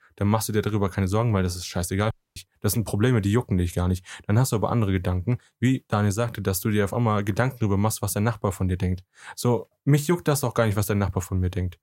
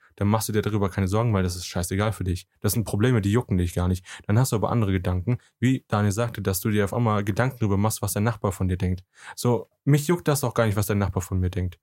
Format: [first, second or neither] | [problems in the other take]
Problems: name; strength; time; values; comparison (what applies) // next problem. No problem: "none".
second | audio cutting out; at 2 s